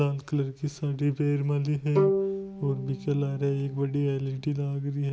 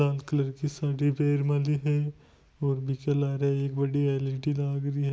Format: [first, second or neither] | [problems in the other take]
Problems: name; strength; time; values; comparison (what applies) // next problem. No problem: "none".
second | background sound (Bowed string instrument); 6 dB below the speech